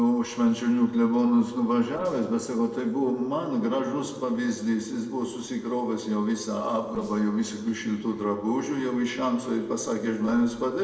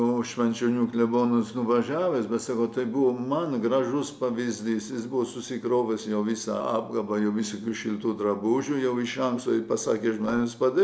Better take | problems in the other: second | noise reduction (neural separator model SepFormer DNS4)

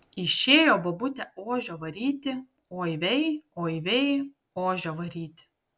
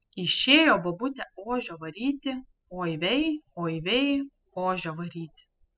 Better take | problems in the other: first | noise reduction (classical method spectral subtraction)

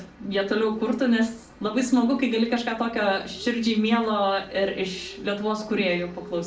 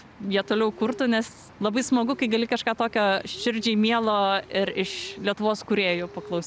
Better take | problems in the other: second | room echo; dies away in 0.3 s

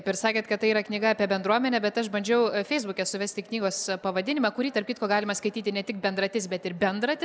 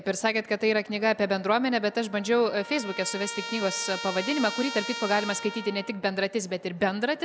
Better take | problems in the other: first | background sound (Trumpet); 12 dB below the speech

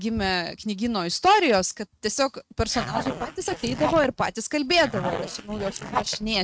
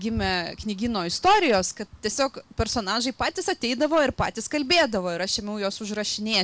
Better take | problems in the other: second | noise reduction (neural mask model RNNoise)

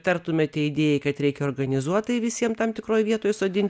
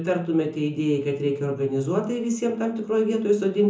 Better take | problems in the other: first | room echo; dies away in 0.6 s

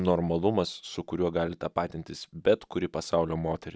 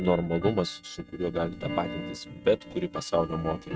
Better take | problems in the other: first | noise reduction (neural mask model RNNoise)

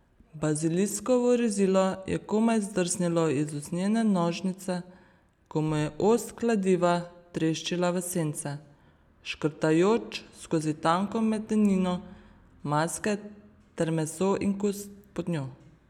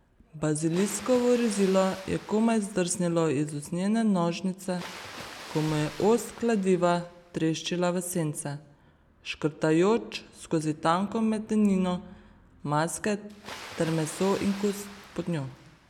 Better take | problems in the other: first | background sound (Water); 19 dB below the speech

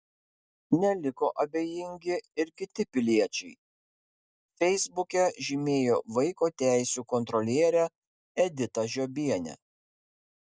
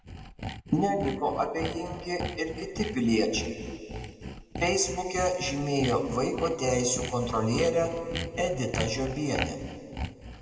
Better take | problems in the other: first | background sound (Sawing); 9 dB below the speech // room echo; dies away in 2.3 s

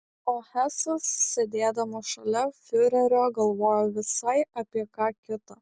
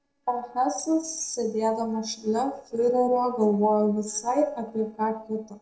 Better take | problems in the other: first | noise reduction (neural separator model SepFormer DNS4)

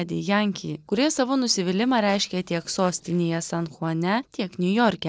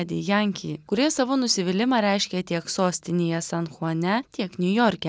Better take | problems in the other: second | noise reduction (neural separator model SepFormer DNS4)

